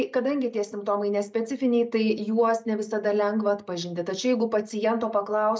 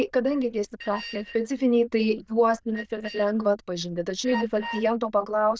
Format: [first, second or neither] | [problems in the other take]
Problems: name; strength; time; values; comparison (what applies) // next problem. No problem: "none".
first | noise reduction (neural diffusion model UNIVERSE++)